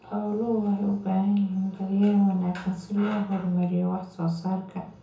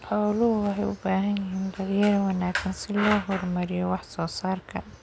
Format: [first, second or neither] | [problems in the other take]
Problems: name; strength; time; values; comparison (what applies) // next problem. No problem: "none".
second | room echo; dies away in 0.6 s